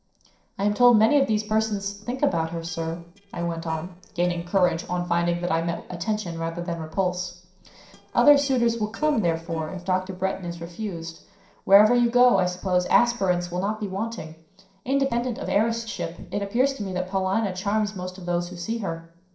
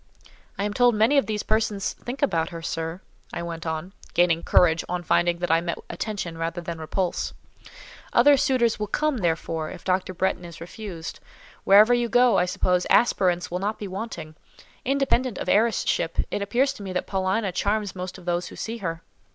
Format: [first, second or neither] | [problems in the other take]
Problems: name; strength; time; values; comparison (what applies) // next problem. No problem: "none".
second | noise reduction (neural separator model SepFormer DNS4)